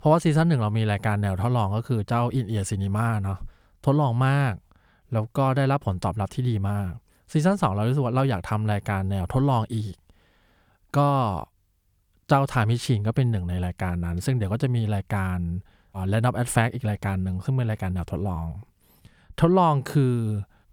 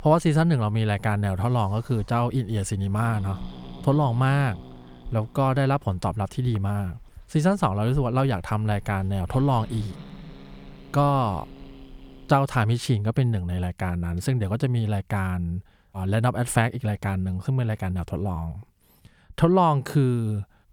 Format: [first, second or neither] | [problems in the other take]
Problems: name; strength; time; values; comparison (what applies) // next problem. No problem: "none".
first | hiss; faint; until 12 s; 20 dB below the speech